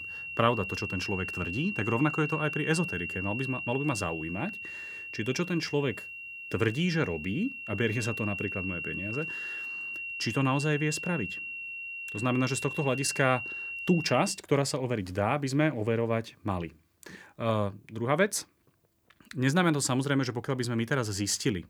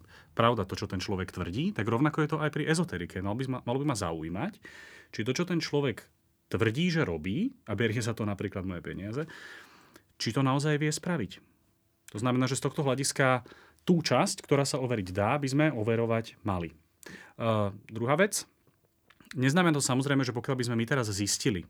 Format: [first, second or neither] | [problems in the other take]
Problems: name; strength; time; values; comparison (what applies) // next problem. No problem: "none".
second | high-pitched whine; loud; until 14 s; 2.5 kHz, 6 dB below the speech